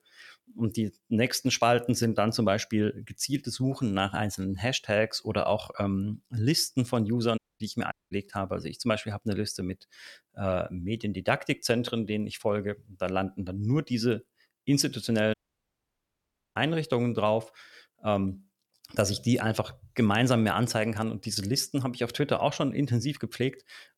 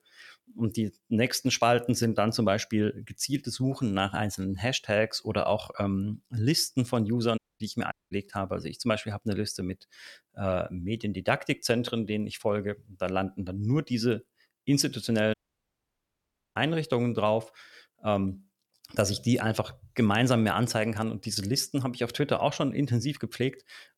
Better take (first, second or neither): neither